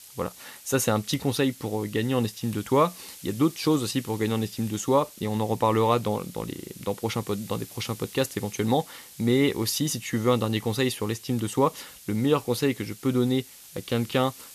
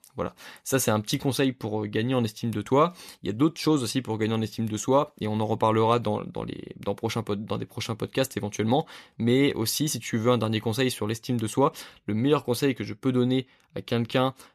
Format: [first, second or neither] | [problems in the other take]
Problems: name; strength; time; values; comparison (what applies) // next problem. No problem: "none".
second | hiss; noticeable; throughout; 20 dB below the speech